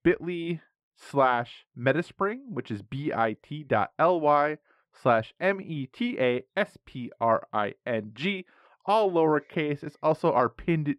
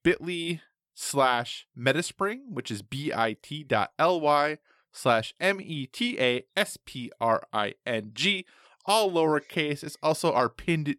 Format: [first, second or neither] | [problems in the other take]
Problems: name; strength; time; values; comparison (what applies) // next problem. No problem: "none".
second | muffled; very; fading above 3.5 kHz